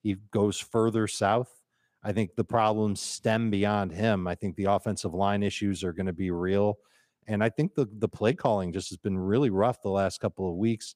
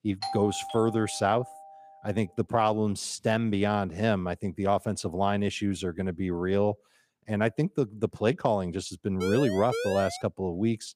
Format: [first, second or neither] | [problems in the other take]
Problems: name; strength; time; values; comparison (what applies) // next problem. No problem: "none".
first | doorbell; noticeable; until 2 s; peak 6 dB below the speech // siren; noticeable; from 9 to 10 s; peak 4 dB below the speech